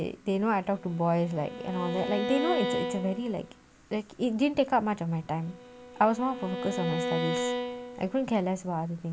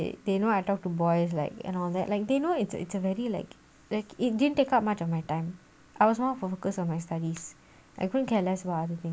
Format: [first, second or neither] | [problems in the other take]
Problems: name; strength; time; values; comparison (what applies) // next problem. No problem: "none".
second | background sound (Bowed string instrument); 6 dB below the speech